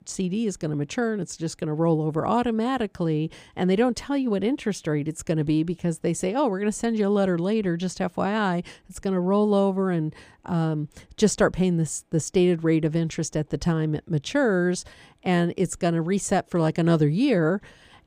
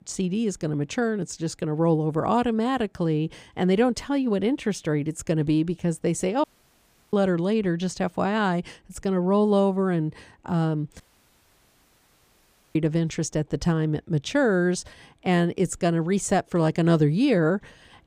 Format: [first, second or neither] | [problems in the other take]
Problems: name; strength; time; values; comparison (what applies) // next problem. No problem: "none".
first | audio cutting out; at 6.5 s for 0.5 s and at 11 s for 2 s